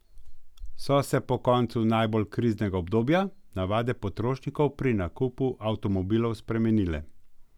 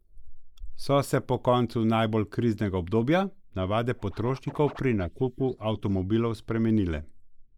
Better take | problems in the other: first | noise reduction (neural mask model Resemble Enhance denoiser)

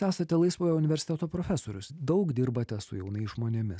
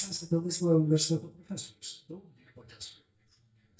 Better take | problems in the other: first | noise reduction (neural mask model DeepFilterNet 3)

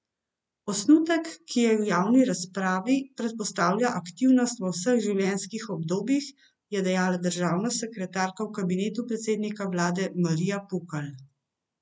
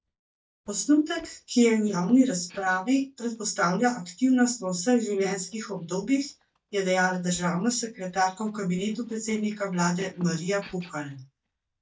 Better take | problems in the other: first | noise reduction (neural mask model DeepFilterNet 3)

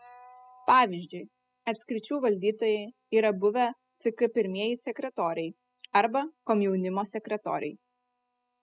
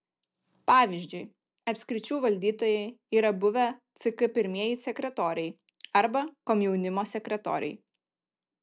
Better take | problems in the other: second | noise reduction (classical method spectral subtraction)

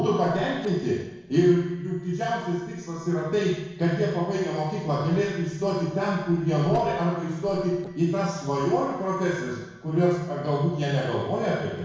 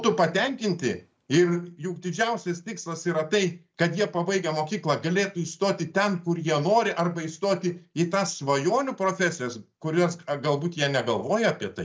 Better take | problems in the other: second | noise reduction (neural separator model SepFormer DNS4)

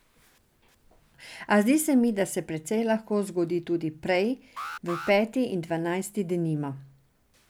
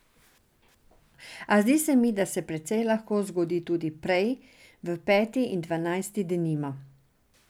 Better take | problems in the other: second | background sound (Alarm); 14 dB below the speech

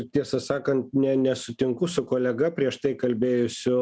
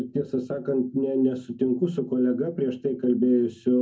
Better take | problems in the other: first | room echo; dies away in 0.3 s

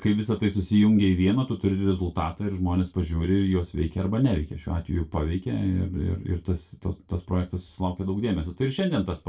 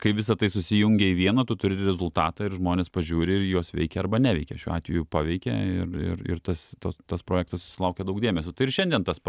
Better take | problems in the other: second | room echo; dies away in 0.2 s

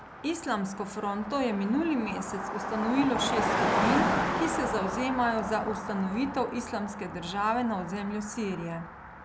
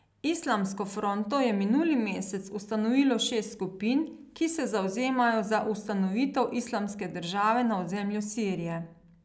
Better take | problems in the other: second | background sound (Car passing by); 2 dB below the speech

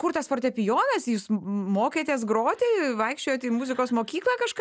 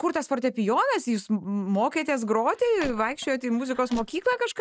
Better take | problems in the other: first | noise reduction (neural mask model RNNoise)

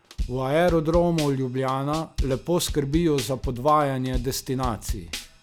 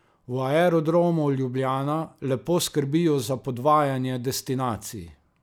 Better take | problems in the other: second | background sound (Drum kit); 9 dB below the speech

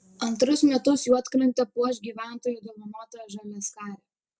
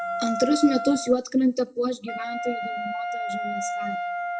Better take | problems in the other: first | background sound (Wind instrument, woodwind instrument); 5 dB below the speech // room echo; dies away in 0.7 s

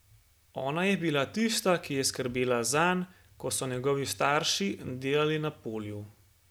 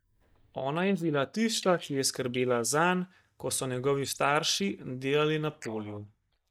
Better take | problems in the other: first | noise reduction (neural mask model DeepFilterNet 3)

